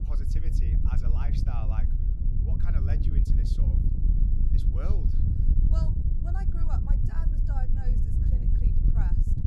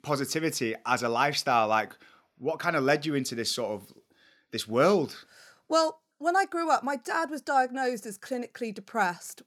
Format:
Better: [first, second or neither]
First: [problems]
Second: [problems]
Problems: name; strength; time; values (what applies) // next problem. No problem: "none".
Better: second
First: wind noise on the microphone; heavy; 2 dB above the speech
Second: none